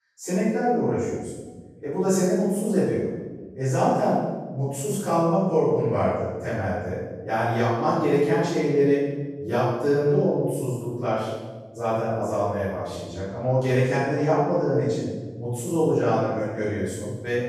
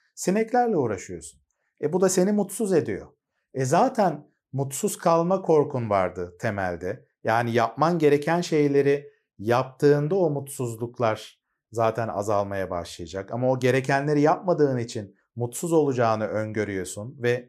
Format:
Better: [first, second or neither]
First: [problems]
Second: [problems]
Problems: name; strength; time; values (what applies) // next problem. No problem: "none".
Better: second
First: room echo; strong; dies away in 1.2 s // off-mic speech; far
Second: none